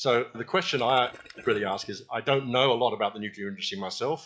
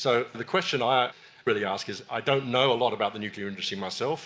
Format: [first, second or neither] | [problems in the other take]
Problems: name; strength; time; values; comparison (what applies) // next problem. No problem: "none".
second | noise reduction (classical method log-MMSE)